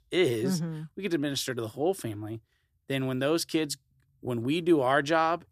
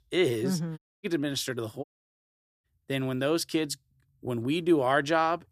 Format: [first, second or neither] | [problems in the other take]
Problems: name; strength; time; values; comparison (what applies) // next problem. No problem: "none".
first | audio cutting out; at 1 s and at 2 s for 1 s